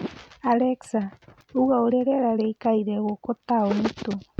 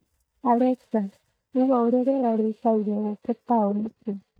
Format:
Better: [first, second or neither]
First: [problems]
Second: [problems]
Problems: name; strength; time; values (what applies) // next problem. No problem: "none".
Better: first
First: none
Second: noise reduction (neural mask model DeepFilterNet 3)